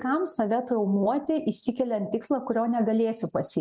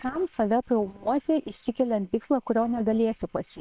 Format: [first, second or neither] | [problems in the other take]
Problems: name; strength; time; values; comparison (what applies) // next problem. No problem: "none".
first | noise reduction (neural separator model SepFormer WHAM!)